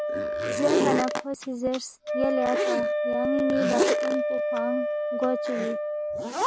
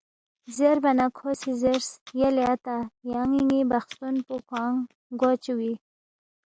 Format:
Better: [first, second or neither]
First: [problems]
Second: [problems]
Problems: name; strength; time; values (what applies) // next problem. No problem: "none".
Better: second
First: background sound (Wind instrument, woodwind instrument + Zipper (clothing)); 3 dB above the speech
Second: none